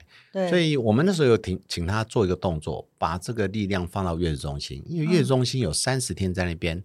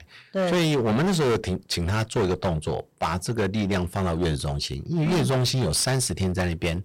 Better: first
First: none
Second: distortion; heavy; 20% of the sound clipped

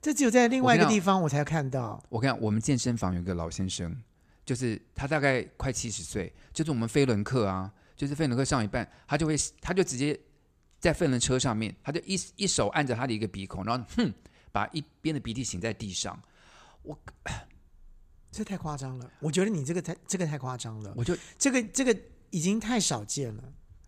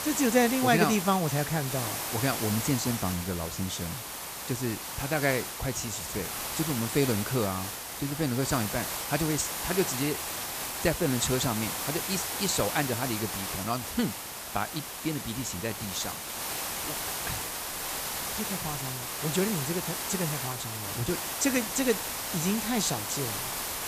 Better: first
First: none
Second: hiss; loud; throughout; 2 dB below the speech

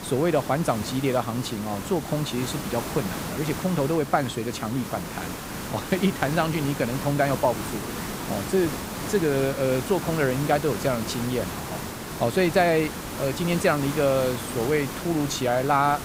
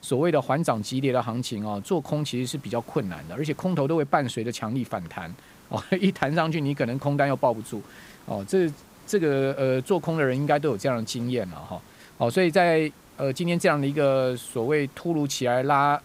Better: second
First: hiss; loud; throughout; 7 dB below the speech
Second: hiss; faint; throughout; 25 dB below the speech

